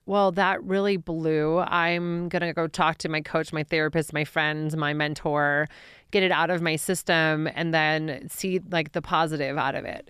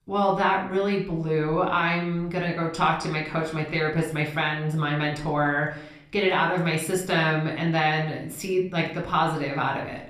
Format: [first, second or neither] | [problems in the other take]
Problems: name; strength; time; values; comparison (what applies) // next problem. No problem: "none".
first | off-mic speech; somewhat distant // room echo; slight; dies away in 0.5 s